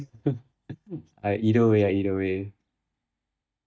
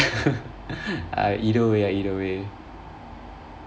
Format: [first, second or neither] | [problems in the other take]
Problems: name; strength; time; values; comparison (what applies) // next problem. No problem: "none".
second | noise reduction (neural mask model DeepFilterNet 3)